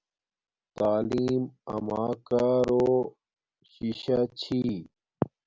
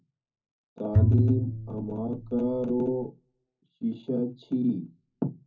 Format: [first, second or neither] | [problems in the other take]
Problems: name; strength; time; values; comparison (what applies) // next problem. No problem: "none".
first | background sound (Bowed string instrument); 4 dB above the speech // room echo; dies away in 0.3 s